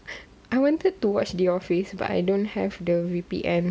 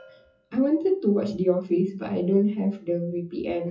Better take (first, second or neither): first